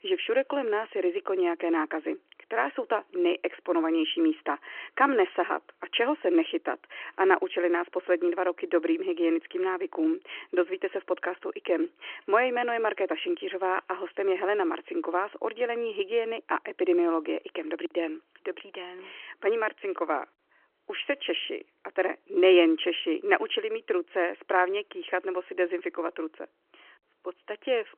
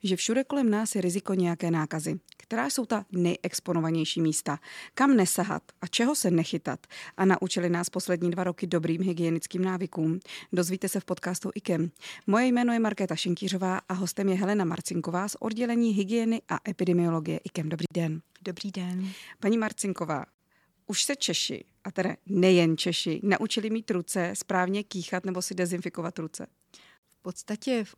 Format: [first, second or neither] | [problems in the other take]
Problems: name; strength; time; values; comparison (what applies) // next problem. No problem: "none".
second | phone-call audio; nothing above 3 kHz